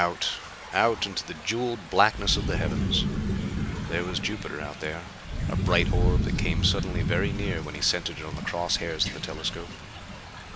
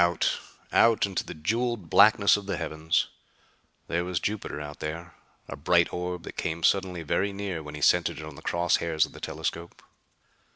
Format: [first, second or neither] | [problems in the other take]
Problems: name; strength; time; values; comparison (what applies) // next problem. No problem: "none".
second | background sound (Thunder / Rain); as loud as the speech